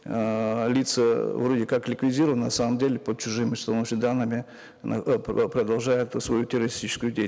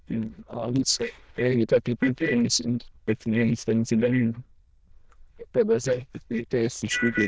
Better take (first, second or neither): first